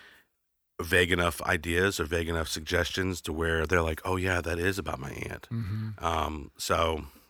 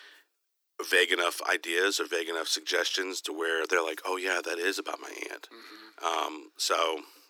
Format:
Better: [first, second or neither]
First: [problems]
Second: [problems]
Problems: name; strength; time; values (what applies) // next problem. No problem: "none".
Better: first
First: none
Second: thin; very; fading below 300 Hz